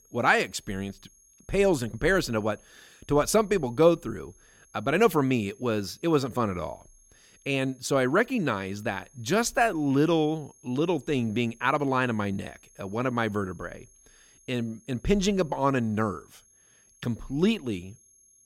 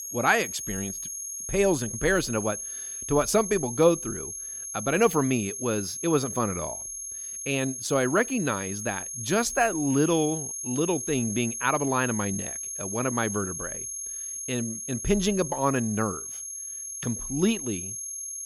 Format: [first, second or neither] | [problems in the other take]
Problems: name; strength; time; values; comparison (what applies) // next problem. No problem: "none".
first | high-pitched whine; loud; throughout; 6.5 kHz, 6 dB below the speech; faint in the first